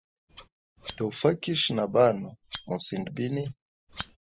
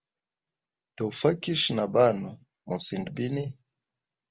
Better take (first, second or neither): second